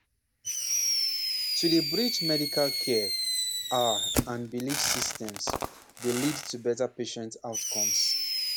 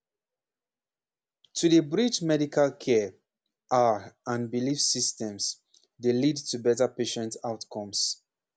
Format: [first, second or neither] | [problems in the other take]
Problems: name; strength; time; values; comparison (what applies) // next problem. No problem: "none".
second | background sound (Fireworks); 1 dB above the speech